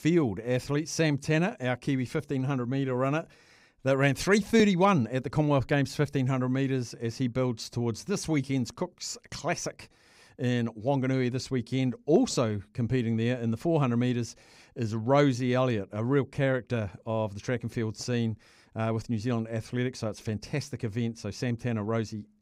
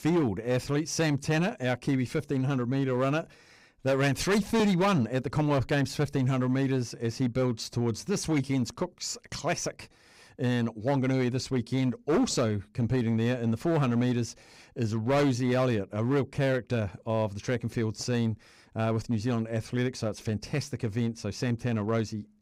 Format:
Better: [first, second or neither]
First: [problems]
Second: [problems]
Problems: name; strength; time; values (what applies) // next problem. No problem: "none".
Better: first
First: none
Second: distortion; slight; 7% of the sound clipped